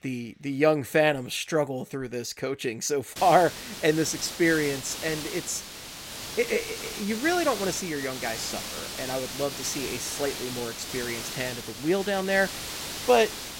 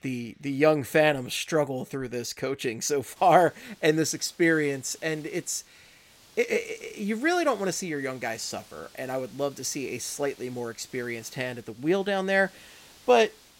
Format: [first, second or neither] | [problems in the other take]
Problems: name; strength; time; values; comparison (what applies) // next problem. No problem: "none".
second | hiss; loud; from 3 s on; 7 dB below the speech; faint in the second